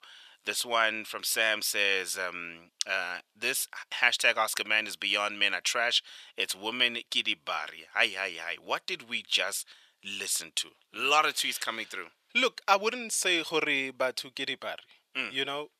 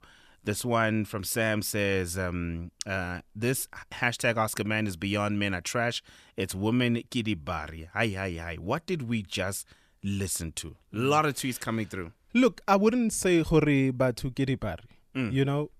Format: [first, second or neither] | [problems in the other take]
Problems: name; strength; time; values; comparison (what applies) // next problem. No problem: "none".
second | thin; very; fading below 650 Hz